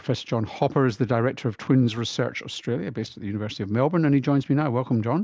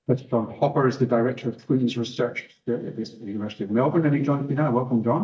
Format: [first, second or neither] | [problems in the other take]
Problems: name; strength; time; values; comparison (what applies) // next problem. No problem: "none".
first | noise reduction (neural mask model DeepFilterNet 3)